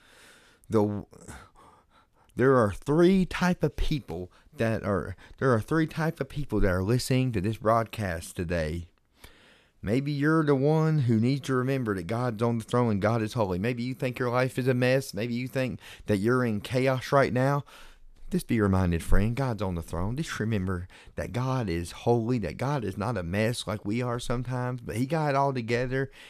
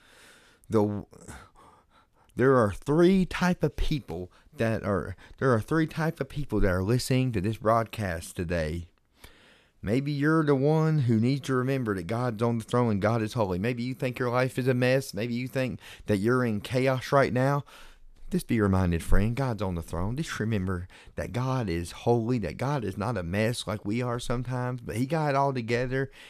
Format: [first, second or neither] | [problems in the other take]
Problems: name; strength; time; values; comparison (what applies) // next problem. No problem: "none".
neither | none